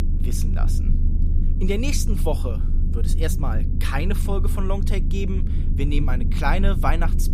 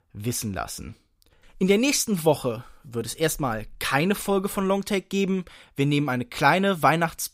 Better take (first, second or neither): second